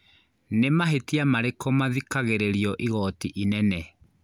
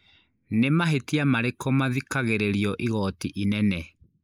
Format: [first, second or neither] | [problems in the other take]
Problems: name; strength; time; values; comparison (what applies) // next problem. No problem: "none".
first | noise reduction (neural mask model Resemble Enhance denoiser)